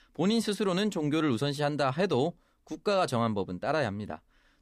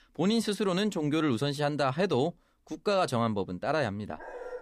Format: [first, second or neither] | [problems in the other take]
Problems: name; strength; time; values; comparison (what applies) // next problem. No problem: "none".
first | dog barking; faint; at 4 s; peak 10 dB below the speech